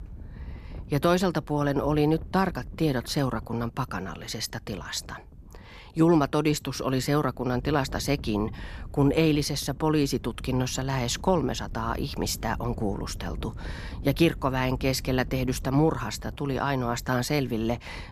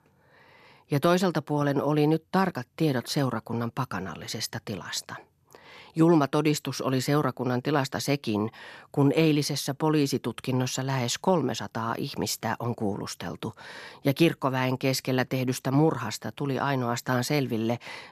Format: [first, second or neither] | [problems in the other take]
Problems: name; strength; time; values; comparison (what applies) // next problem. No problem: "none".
second | wind noise on the microphone; occasional gusts; 25 dB below the speech